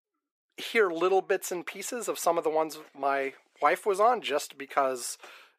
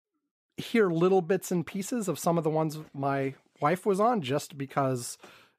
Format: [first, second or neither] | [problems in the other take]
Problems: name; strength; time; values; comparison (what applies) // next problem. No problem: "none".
second | thin; very; fading below 400 Hz